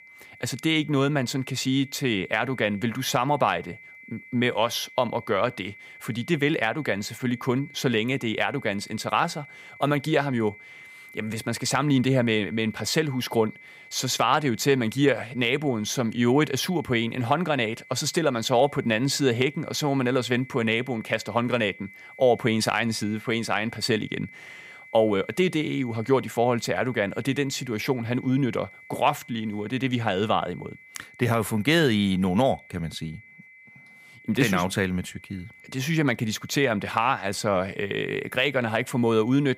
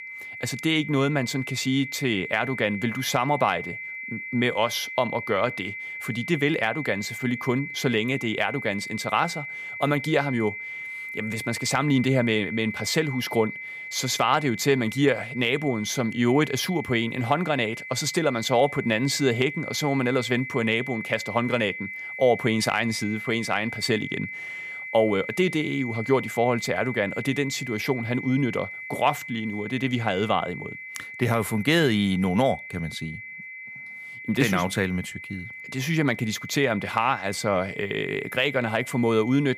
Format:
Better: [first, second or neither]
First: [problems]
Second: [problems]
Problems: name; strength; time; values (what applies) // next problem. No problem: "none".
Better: first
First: high-pitched whine; faint; throughout; 2 kHz, 20 dB below the speech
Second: high-pitched whine; loud; throughout; 2 kHz, 9 dB below the speech